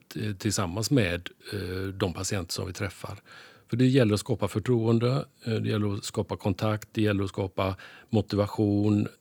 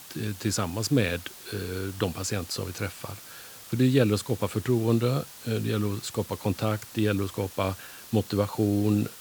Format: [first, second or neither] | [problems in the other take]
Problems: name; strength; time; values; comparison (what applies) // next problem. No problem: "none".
first | hiss; noticeable; throughout; 15 dB below the speech